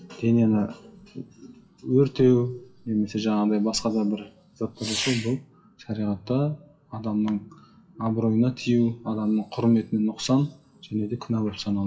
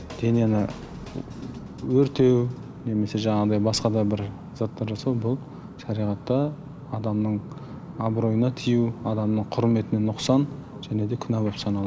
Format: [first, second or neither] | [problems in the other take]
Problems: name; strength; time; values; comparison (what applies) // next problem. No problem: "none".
second | noise reduction (classical method WPE with log-MMSE)